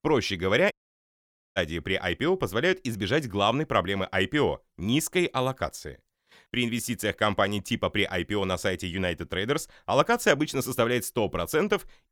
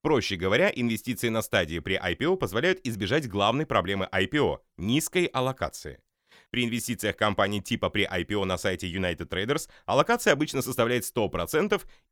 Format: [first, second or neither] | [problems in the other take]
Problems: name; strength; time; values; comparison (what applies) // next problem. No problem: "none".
second | audio cutting out; at 0.5 s for 1 s